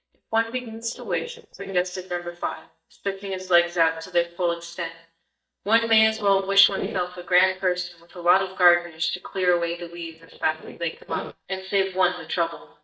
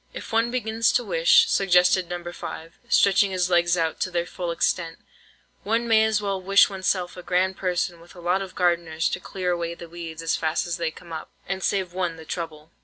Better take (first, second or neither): second